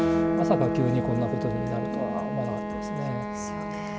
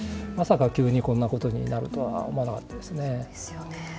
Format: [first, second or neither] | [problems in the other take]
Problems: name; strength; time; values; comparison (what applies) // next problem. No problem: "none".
second | background sound (Guitar + Wind instrument, woodwind instrument); 1 dB above the speech